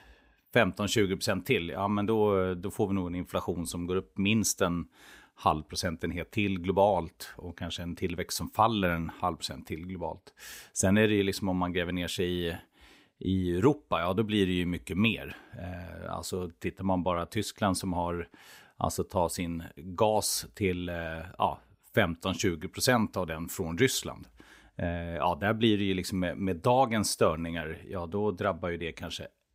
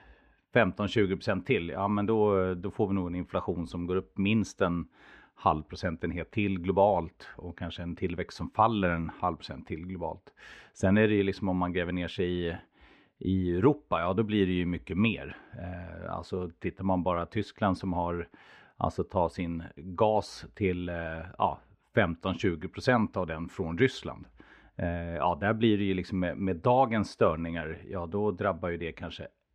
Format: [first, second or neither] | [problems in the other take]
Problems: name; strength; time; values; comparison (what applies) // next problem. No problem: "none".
first | muffled; slightly; fading above 2.5 kHz